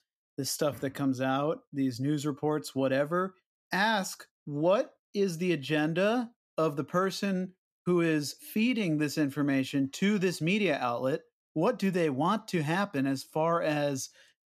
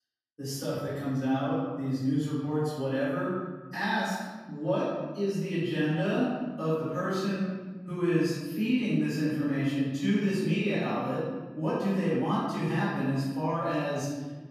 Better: first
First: none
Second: off-mic speech; far // room echo; strong; dies away in 1.5 s

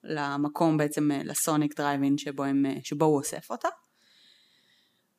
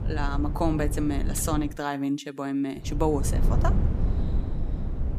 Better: first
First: none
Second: wind noise on the microphone; occasional gusts; until 1.5 s and from 3 s on; 10 dB below the speech

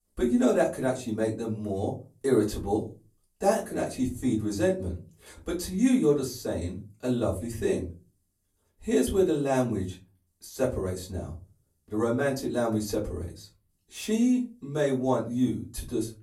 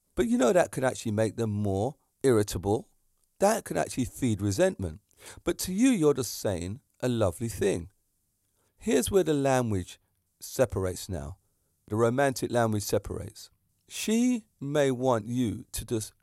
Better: second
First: off-mic speech; far // room echo; very slight; dies away in 0.3 s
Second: none

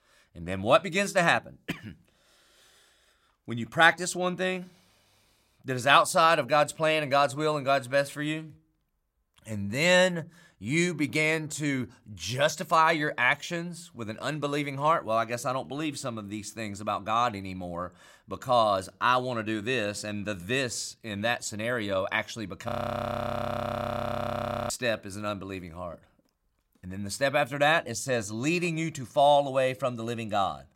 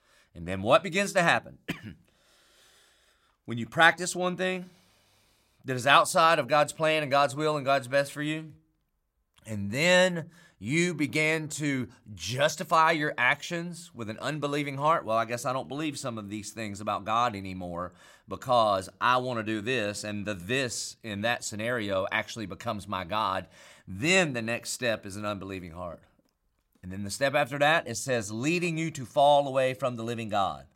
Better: second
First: audio freezing; at 23 s for 2 s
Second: none

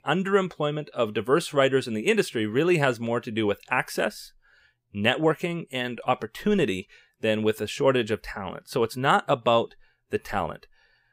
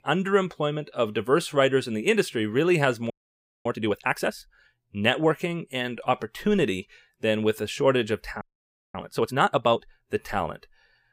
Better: first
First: none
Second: audio freezing; at 3 s for 0.5 s and at 8.5 s for 0.5 s

